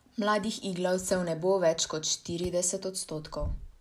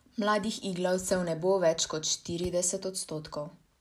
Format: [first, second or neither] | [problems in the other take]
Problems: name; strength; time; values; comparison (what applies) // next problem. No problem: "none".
second | background sound (Toilet flush); 14 dB below the speech